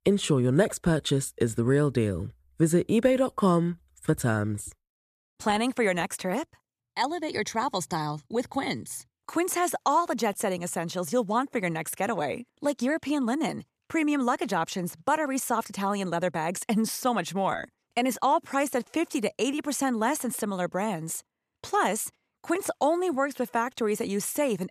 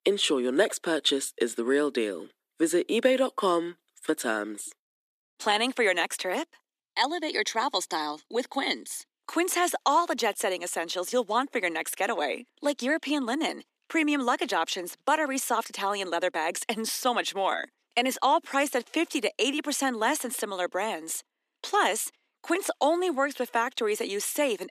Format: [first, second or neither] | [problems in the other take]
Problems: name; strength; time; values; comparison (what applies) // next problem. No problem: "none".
first | thin; very slightly; fading below 250 Hz